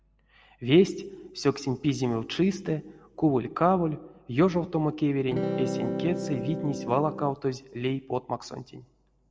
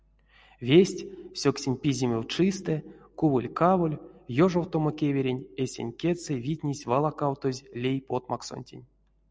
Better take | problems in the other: second | background sound (Electric guitar / Strum); 4 dB below the speech // room echo; dies away in 0.8 s

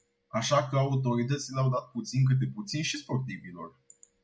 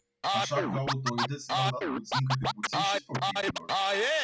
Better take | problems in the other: first | background sound (Scratching (performance technique)); 5 dB above the speech

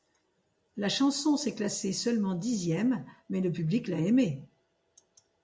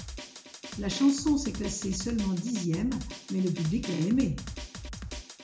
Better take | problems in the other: first | background sound (Drum); 10 dB below the speech // room echo; dies away in 0.3 s

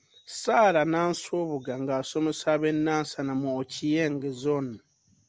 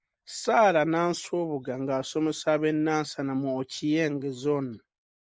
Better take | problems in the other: first | noise reduction (neural mask model Resemble Enhance denoiser)

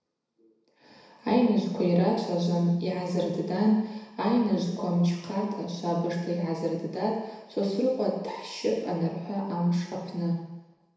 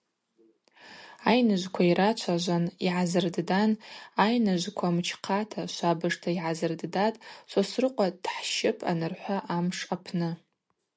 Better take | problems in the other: second | room echo; dies away in 1 s

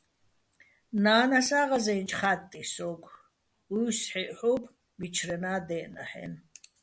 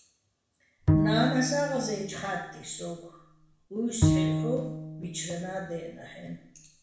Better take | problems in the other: first | background sound (Bowed string instrument); 3 dB above the speech // room echo; dies away in 0.6 s

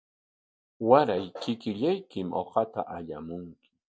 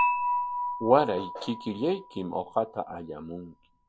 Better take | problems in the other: first | background sound (Dishes, pots, and pans / Chink, clink); 3 dB below the speech

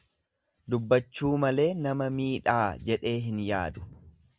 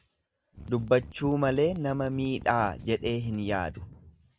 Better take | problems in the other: first | background sound (Mechanisms); 17 dB below the speech

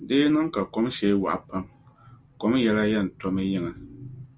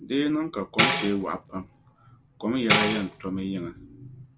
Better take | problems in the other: first | background sound (Tambourine); as loud as the speech

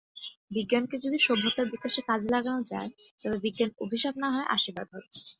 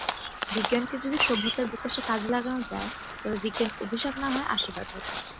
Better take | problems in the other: first | background sound (Crow); 6 dB below the speech

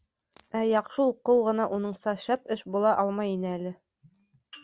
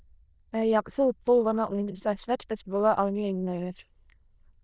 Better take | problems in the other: first | noise reduction (neural diffusion model UNIVERSE++)

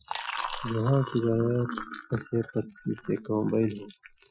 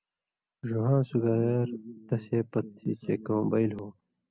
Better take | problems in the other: second | noise reduction (classical method Wiener filter)

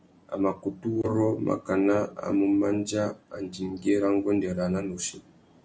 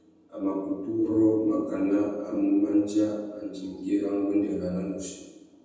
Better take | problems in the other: first | room echo; dies away in 1.1 s

